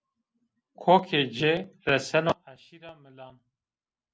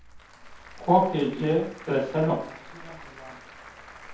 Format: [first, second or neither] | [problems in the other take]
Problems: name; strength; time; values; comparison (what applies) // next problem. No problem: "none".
first | background sound (Applause / Crowd); 17 dB below the speech // room echo; dies away in 0.6 s